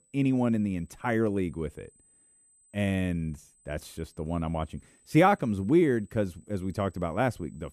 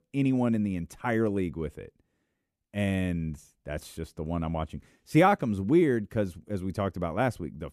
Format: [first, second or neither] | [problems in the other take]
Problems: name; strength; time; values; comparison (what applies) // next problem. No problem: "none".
second | high-pitched whine; faint; throughout; 8 kHz, 30 dB below the speech